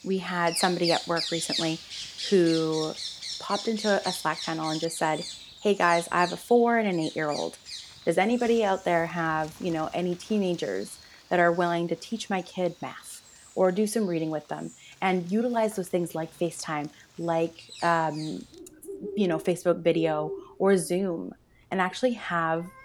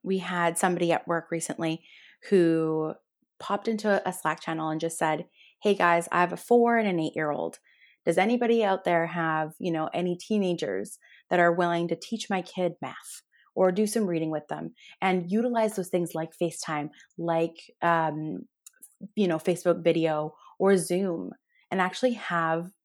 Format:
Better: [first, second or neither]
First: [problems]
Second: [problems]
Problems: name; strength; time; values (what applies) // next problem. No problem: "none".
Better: second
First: animal sounds; loud; throughout; 9 dB below the speech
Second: none